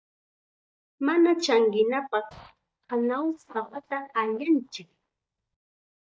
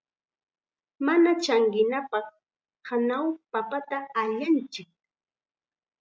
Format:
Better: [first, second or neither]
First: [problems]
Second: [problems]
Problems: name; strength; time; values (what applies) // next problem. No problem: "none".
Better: second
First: noise reduction (neural mask model DeepFilterNet 3)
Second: none